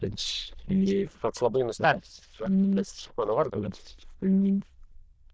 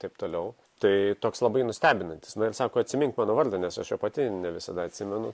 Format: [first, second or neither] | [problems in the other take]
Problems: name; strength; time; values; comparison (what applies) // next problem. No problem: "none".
second | noise reduction (neural diffusion model UNIVERSE++)